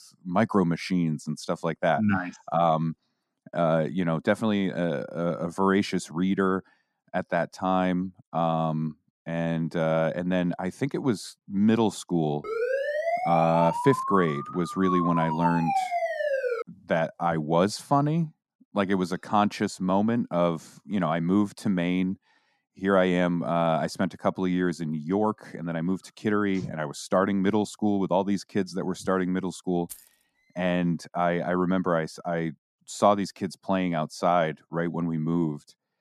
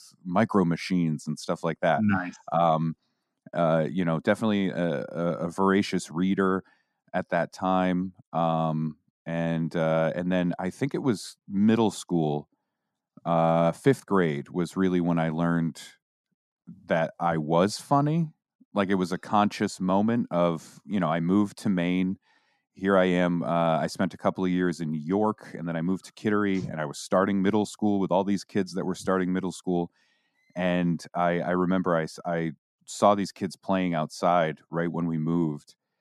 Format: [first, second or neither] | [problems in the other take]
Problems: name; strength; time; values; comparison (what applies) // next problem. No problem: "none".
second | siren; loud; from 12 to 17 s; peak level with the speech // jangling keys; faint; at 30 s; peak 15 dB below the speech